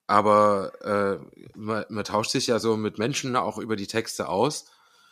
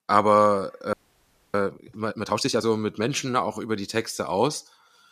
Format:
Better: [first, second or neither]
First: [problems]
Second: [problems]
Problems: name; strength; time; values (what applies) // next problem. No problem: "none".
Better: first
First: none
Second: audio freezing; at 1 s for 0.5 s